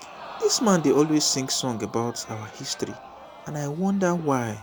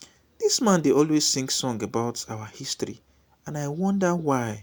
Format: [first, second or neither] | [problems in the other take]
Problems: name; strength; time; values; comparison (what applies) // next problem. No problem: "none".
second | background sound (Crowd); 16 dB below the speech